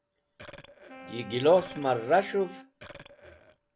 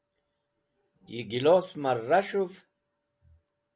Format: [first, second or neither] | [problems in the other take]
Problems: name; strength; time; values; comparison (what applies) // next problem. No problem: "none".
second | background sound (Burping, eructation + Wind instrument, woodwind instrument); 17 dB below the speech